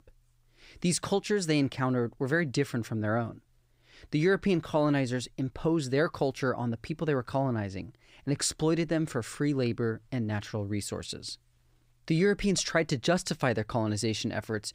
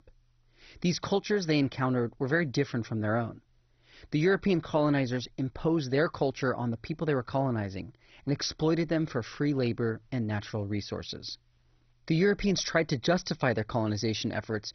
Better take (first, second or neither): first